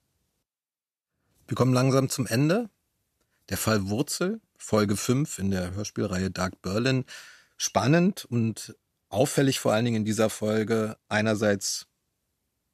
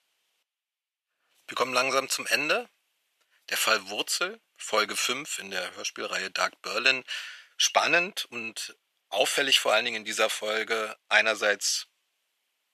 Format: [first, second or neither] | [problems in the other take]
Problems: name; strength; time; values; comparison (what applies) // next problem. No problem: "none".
first | thin; very; fading below 700 Hz